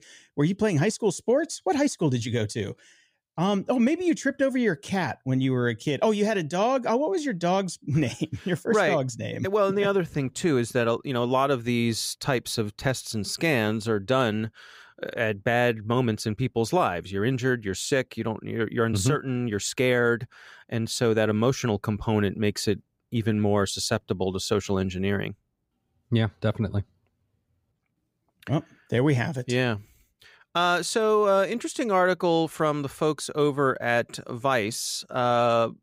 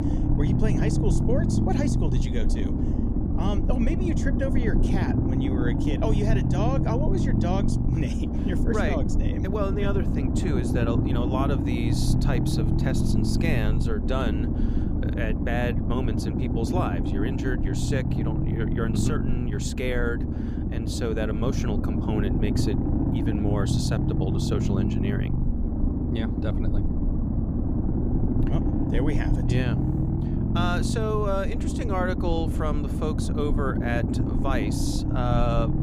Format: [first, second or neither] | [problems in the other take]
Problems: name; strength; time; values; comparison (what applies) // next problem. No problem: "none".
first | low rumble; loud; throughout; 2 dB below the speech